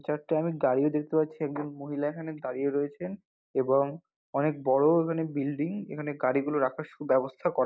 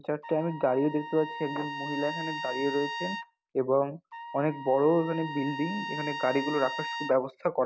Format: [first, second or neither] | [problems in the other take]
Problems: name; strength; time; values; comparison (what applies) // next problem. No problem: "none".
first | background sound (Trumpet); 8 dB below the speech